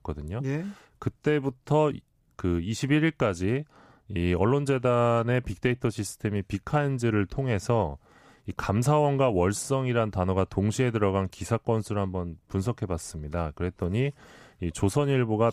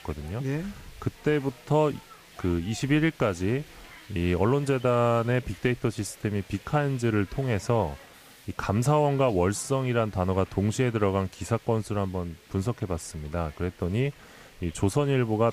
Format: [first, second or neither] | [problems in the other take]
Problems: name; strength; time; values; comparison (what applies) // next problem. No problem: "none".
first | hiss; faint; throughout; 20 dB below the speech